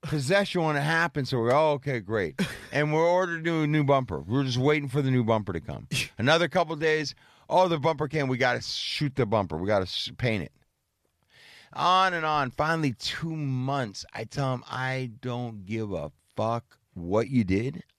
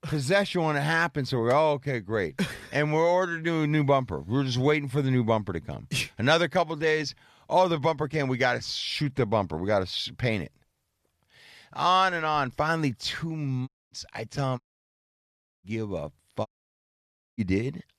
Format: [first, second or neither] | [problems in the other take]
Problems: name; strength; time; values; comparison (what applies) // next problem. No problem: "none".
first | audio cutting out; at 14 s, at 15 s for 1 s and at 16 s for 1 s